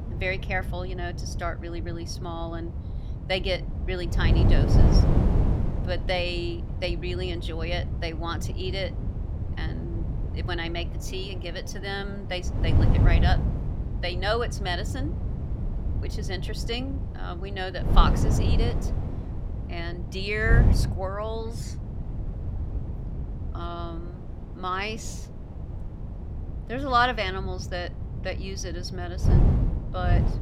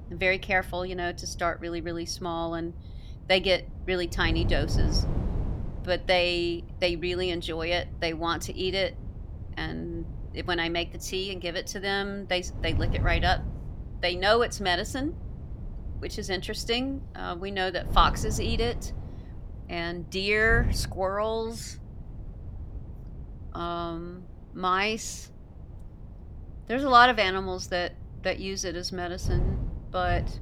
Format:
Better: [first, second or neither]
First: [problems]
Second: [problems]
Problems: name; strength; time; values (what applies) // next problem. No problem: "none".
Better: second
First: wind noise on the microphone; heavy; 9 dB below the speech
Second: wind noise on the microphone; occasional gusts; 20 dB below the speech